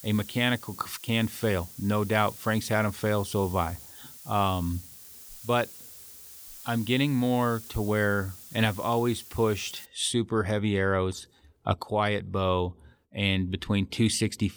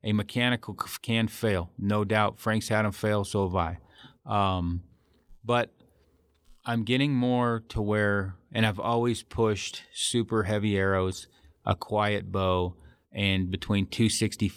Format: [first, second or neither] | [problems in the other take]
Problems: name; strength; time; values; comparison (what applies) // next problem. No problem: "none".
second | hiss; noticeable; until 10 s; 15 dB below the speech